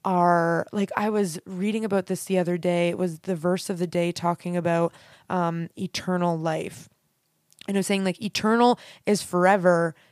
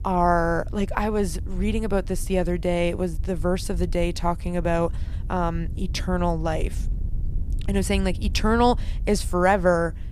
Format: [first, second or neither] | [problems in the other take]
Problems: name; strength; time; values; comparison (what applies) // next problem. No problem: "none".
first | wind noise on the microphone; occasional gusts; 25 dB below the speech